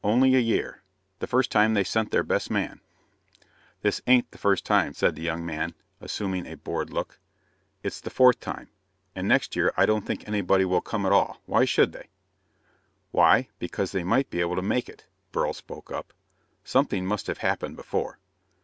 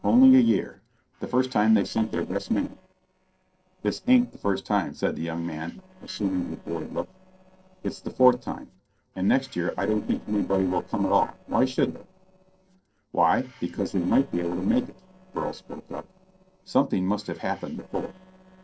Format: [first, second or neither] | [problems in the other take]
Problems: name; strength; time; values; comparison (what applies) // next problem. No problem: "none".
first | noise reduction (neural separator model SepFormer DNS4)